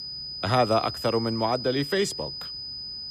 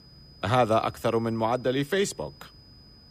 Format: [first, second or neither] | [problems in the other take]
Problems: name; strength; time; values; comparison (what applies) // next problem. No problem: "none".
second | high-pitched whine; loud; throughout; 5 kHz, 7 dB below the speech; faint in the second